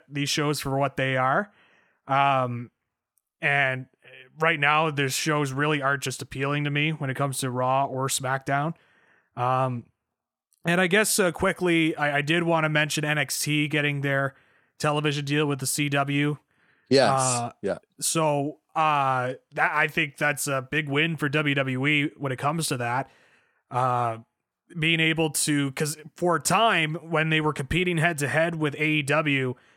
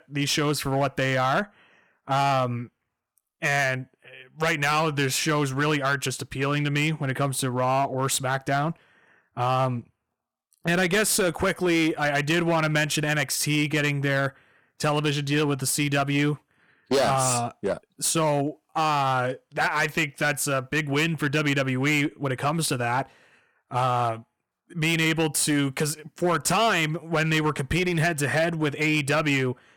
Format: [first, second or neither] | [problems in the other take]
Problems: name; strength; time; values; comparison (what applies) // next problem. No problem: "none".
first | distortion; slight; 9% of the sound clipped